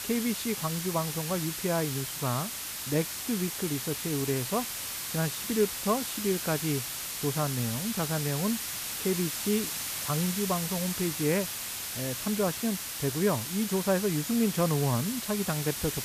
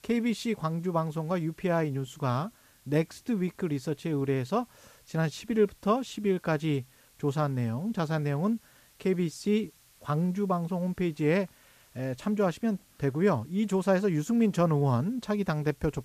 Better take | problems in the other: second | hiss; loud; throughout; 2 dB below the speech; faint in the second

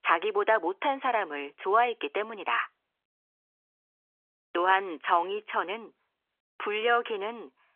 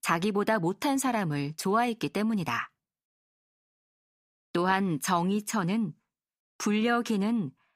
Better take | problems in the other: second | phone-call audio; nothing above 3.5 kHz

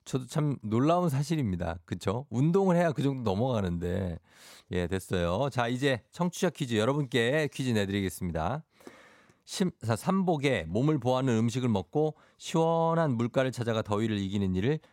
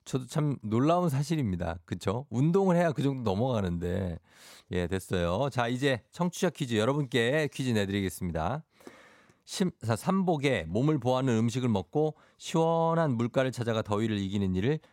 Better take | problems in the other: neither | none

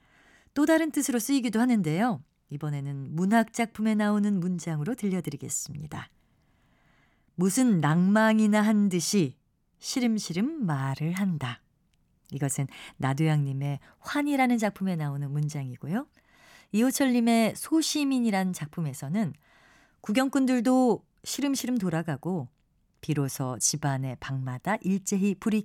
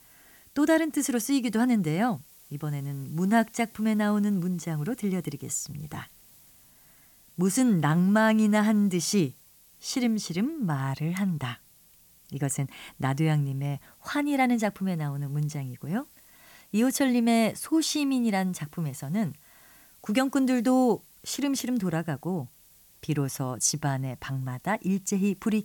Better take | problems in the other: first | hiss; faint; throughout; 25 dB below the speech

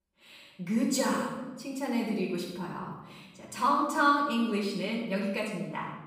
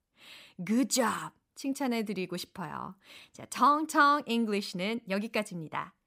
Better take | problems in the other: second | off-mic speech; far // room echo; noticeable; dies away in 1 s

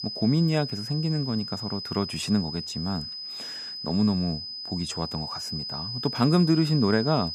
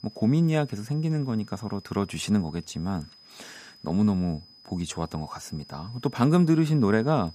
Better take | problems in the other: second | high-pitched whine; loud; throughout; 5 kHz, 6 dB below the speech; faint in the second

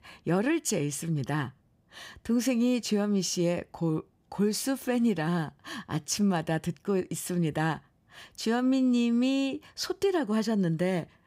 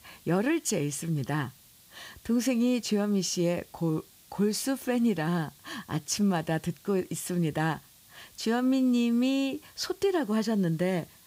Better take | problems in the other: first | hiss; faint; throughout; 25 dB below the speech

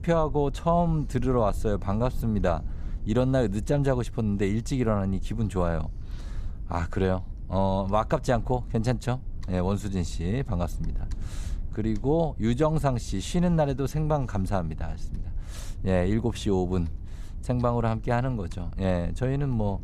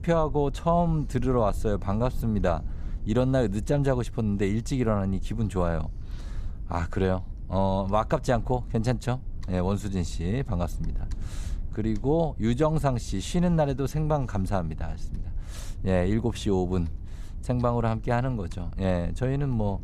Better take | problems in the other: neither | low rumble; faint; throughout; 25 dB below the speech; the same in both

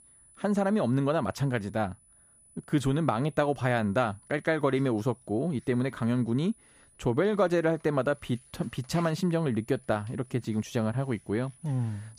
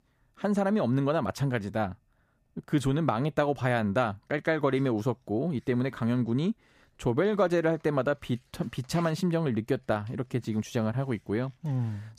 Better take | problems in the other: second | high-pitched whine; faint; throughout; 10 kHz, 30 dB below the speech

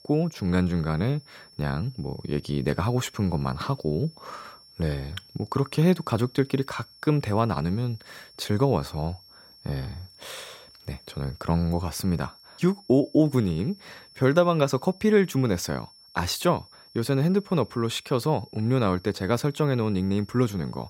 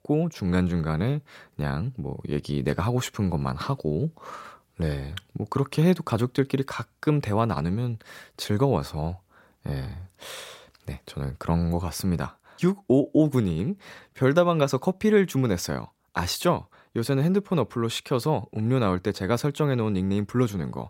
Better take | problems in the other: second | high-pitched whine; faint; throughout; 5.5 kHz, 25 dB below the speech

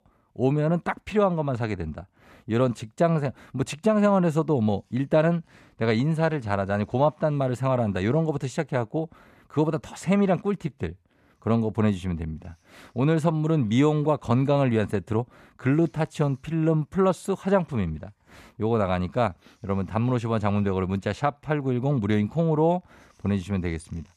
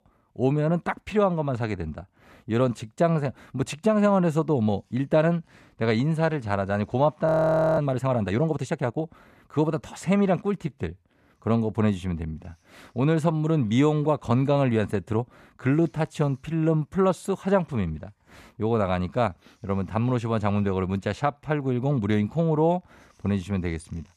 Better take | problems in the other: first | audio freezing; at 7.5 s for 0.5 s

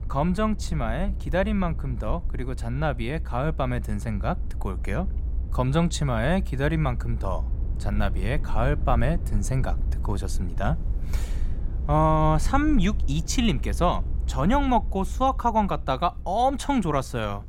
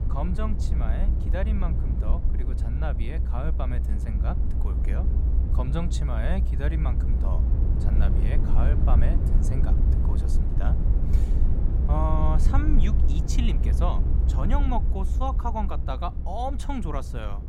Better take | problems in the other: first | low rumble; loud; throughout; 6 dB below the speech; faint in the first

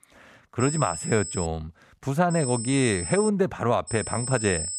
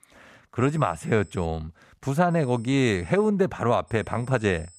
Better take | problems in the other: second | high-pitched whine; loud; at 0.5 s, at 2.5 s and at 4 s; 8 kHz, 7 dB below the speech; faint in the second

